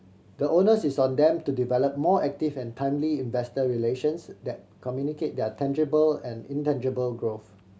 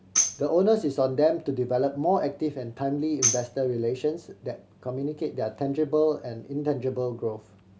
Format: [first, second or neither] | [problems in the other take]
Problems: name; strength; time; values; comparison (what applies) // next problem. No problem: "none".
first | background sound (Tambourine); 4 dB below the speech